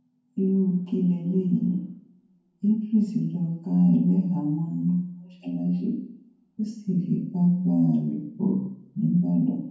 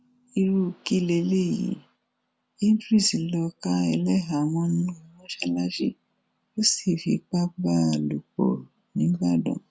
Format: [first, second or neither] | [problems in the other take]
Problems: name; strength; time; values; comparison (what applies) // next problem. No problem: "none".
second | room echo; dies away in 0.9 s